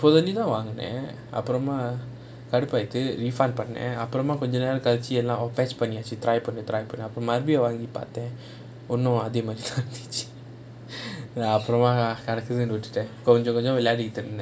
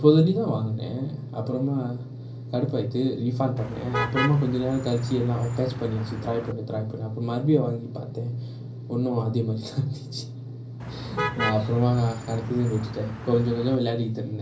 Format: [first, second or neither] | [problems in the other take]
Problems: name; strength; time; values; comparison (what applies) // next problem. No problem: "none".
first | background sound (Motor vehicle (road)); 8 dB below the speech // room echo; dies away in 0.5 s